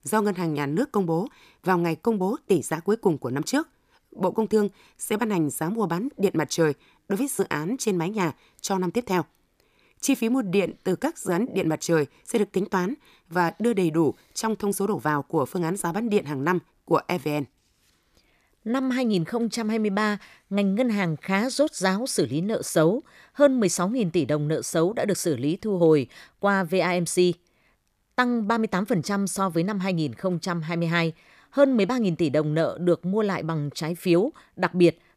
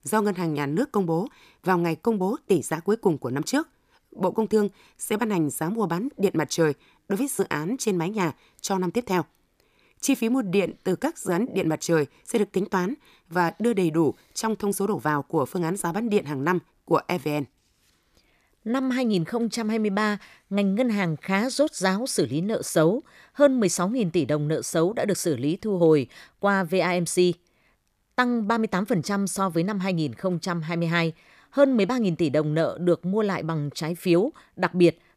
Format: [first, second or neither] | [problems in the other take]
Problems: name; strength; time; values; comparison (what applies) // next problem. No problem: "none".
neither | none